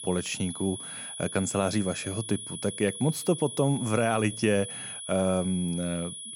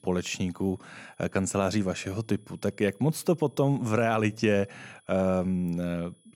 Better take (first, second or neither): second